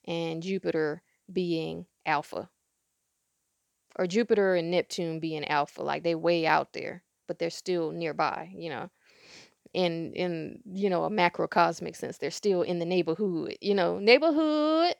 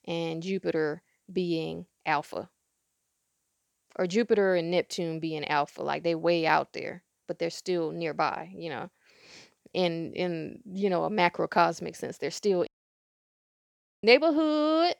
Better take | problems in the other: first | audio cutting out; at 13 s for 1.5 s

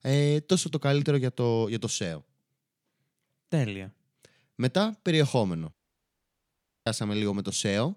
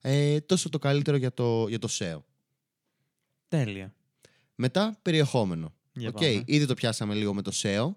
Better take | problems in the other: second | audio cutting out; at 5.5 s for 1 s

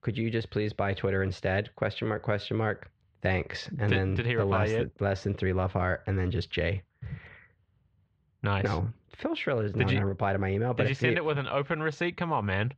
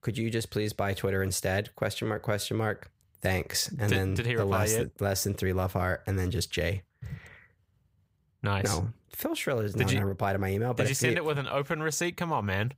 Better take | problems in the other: second | muffled; slightly; fading above 3.5 kHz

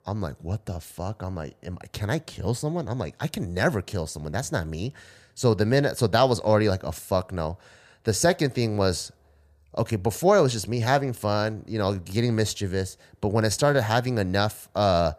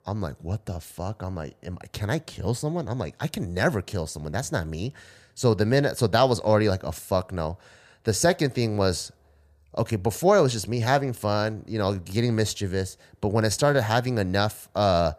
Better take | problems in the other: neither | none

